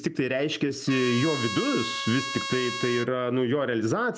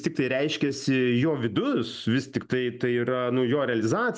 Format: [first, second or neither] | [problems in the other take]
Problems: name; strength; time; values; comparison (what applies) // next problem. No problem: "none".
second | background sound (Trumpet); 7 dB below the speech